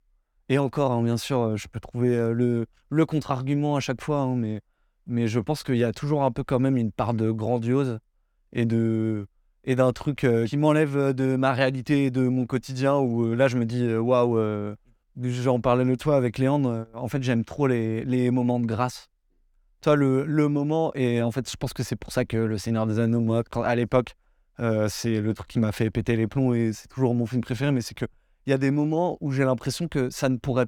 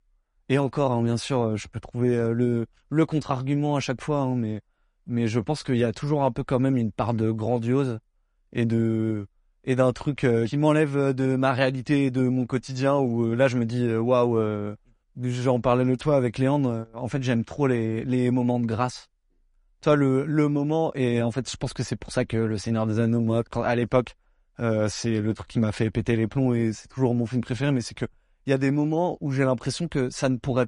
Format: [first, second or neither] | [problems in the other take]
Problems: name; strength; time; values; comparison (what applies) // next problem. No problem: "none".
first | garbled, watery; slightly; nothing above 10.5 kHz